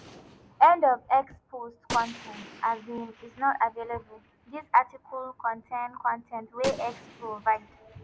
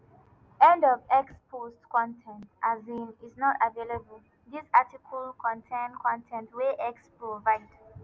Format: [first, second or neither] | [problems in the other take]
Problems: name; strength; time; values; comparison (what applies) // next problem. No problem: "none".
second | background sound (Gunshot, gunfire); 17 dB below the speech